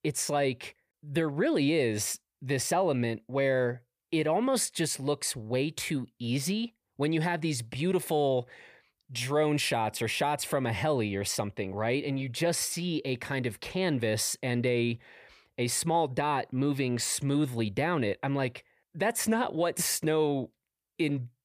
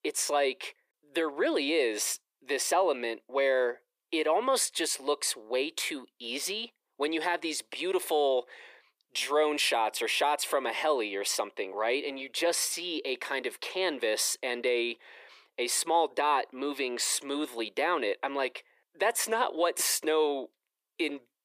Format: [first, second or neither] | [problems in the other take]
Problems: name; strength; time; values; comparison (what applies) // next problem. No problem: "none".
first | thin; somewhat; fading below 350 Hz